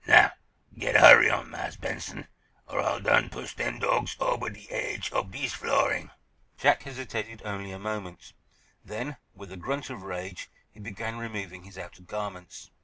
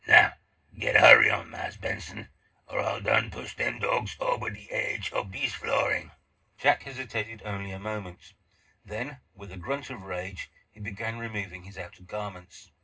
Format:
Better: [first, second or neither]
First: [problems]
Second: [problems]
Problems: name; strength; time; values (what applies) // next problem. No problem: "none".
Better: first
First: none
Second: room echo; dies away in 0.2 s